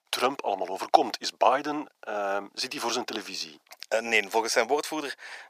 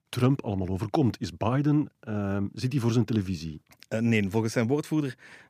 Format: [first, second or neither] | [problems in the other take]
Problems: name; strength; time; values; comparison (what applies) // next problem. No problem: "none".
second | thin; very; fading below 550 Hz